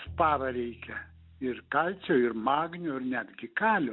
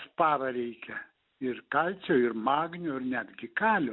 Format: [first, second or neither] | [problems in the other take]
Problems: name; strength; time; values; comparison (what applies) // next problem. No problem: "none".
second | background sound (Bowed string instrument); 20 dB below the speech